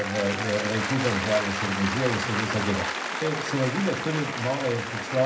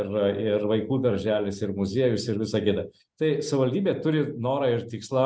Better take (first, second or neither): second